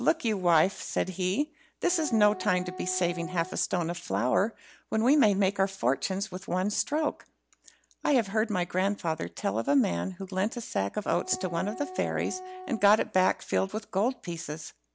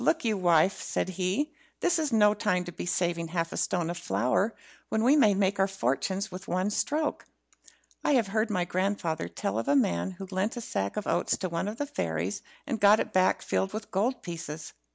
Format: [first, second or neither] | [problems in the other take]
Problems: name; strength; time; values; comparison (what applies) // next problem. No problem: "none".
second | background sound (Wind instrument, woodwind instrument); 15 dB below the speech